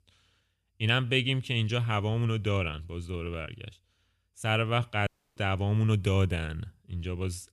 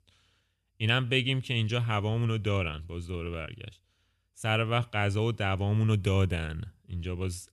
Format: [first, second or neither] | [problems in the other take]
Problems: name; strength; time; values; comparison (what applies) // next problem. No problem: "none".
second | audio cutting out; at 5 s